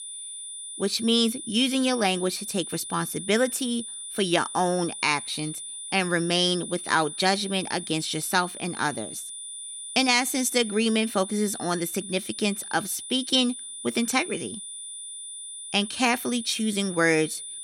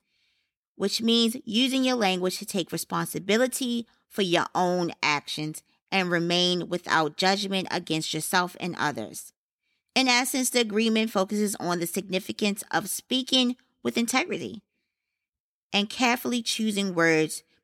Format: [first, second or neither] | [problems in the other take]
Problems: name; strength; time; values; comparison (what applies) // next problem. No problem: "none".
second | high-pitched whine; loud; throughout; 9.5 kHz, 9 dB below the speech